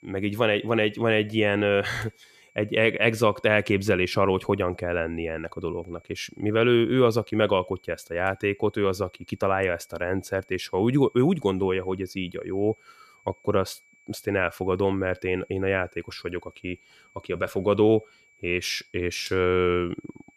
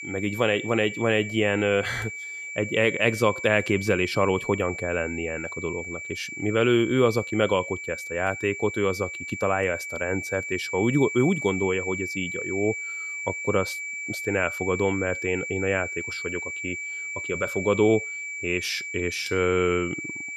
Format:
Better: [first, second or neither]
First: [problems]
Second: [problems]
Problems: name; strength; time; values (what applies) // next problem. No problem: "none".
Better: first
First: high-pitched whine; faint; throughout; 2.5 kHz, 35 dB below the speech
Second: high-pitched whine; loud; throughout; 2.5 kHz, 6 dB below the speech